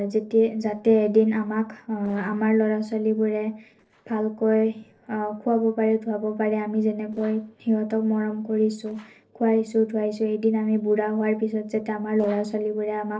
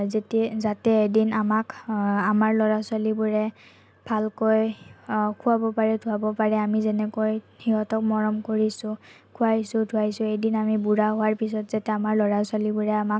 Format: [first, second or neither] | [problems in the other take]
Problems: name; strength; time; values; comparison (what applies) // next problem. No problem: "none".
second | noise reduction (neural separator model SepFormer DNS4)